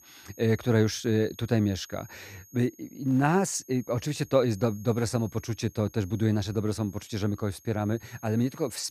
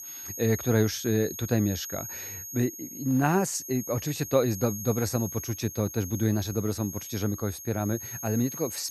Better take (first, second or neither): first